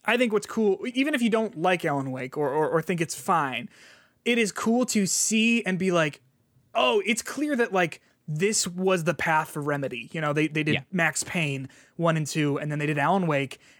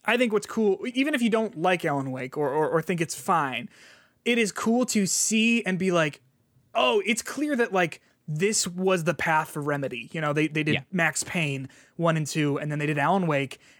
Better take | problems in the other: neither | none

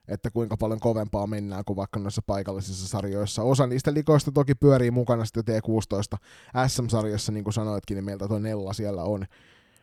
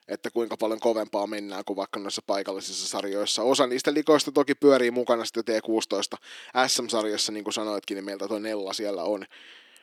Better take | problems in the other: first | thin; somewhat; fading below 300 Hz

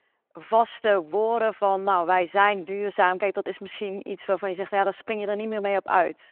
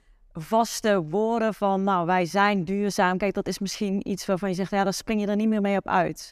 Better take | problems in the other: second | phone-call audio

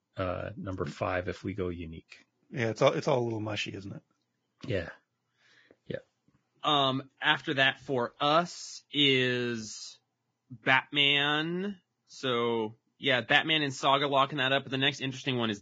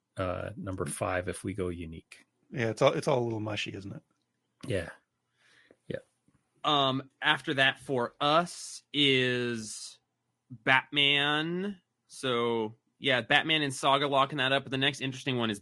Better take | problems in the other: second | garbled, watery; badly; nothing above 7.5 kHz; slightly in the second

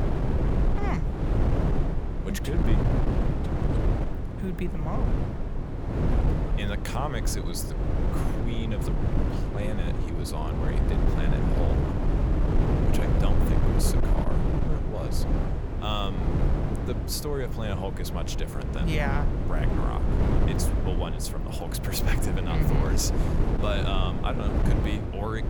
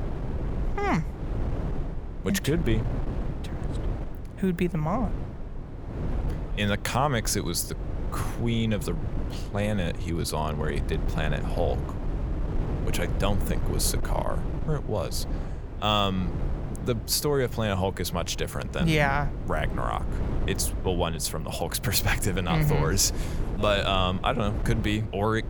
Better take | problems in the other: second | wind noise on the microphone; heavy; as loud as the speech; occasional gusts in the second

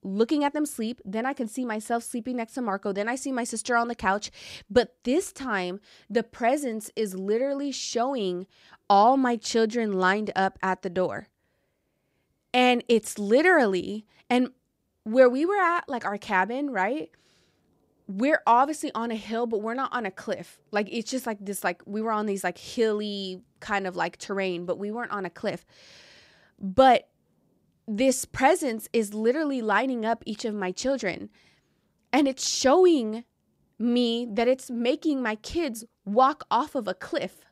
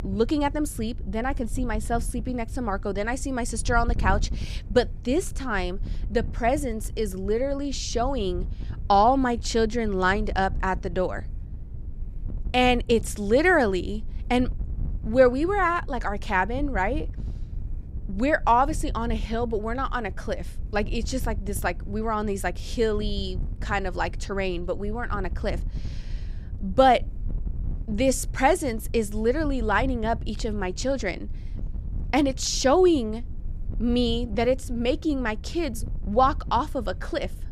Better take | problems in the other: first | wind noise on the microphone; occasional gusts; 25 dB below the speech

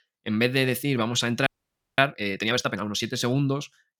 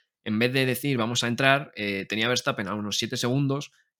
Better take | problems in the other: second | audio freezing; at 1.5 s for 0.5 s

